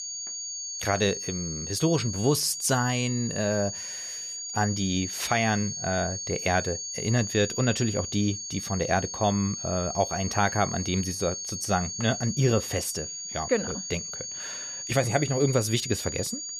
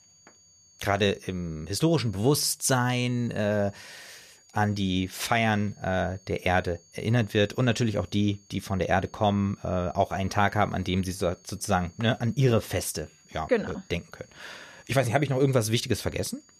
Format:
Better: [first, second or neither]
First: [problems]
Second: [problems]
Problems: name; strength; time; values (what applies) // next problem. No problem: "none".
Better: second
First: high-pitched whine; loud; throughout; 6.5 kHz, 5 dB below the speech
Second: high-pitched whine; faint; throughout; 6.5 kHz, 30 dB below the speech